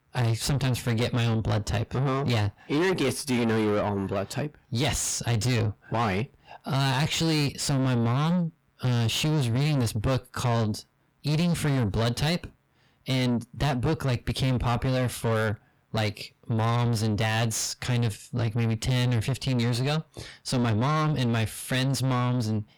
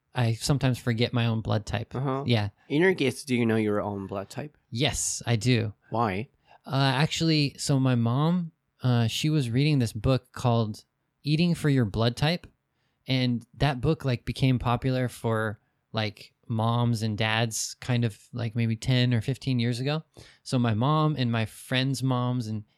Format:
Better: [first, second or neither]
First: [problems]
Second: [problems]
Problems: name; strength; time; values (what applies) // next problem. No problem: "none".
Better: second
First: distortion; heavy; 6 dB below the speech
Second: none